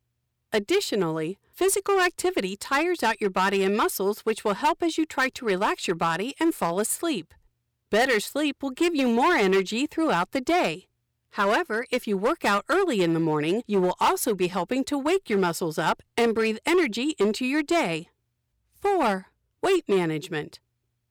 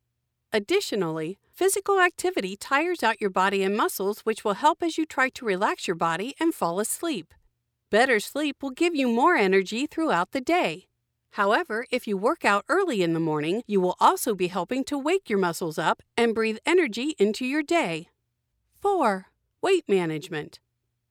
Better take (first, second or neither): second